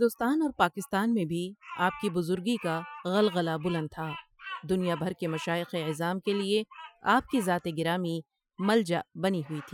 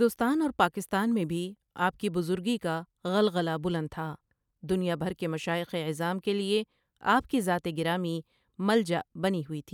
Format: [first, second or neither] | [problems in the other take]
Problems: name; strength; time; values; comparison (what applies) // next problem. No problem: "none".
second | noise reduction (classical method Wiener filter)